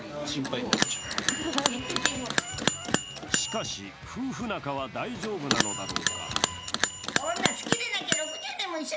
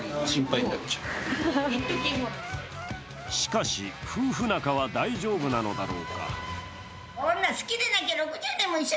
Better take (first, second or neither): second